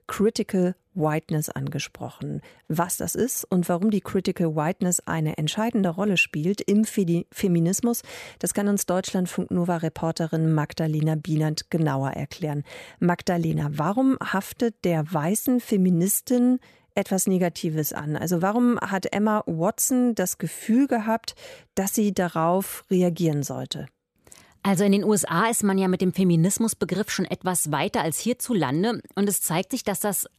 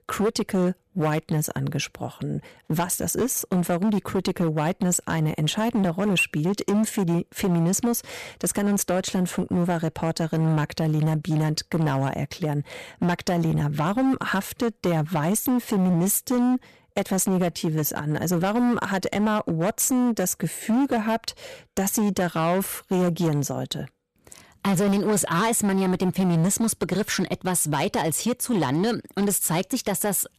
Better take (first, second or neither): first